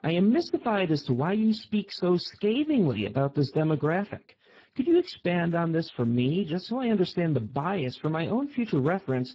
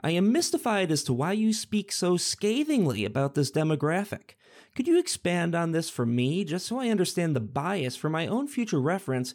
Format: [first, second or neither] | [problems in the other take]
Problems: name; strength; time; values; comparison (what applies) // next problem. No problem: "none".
second | garbled, watery; badly